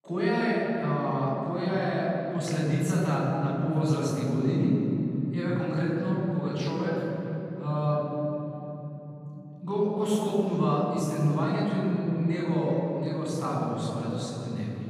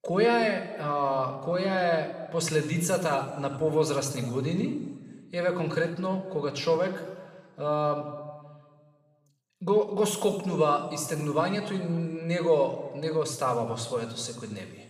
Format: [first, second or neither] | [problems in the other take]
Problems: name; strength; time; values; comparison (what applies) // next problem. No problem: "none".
second | room echo; strong; dies away in 3 s; slight in the second // off-mic speech; far; somewhat distant in the second